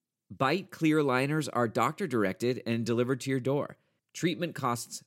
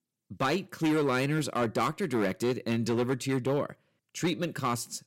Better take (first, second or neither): first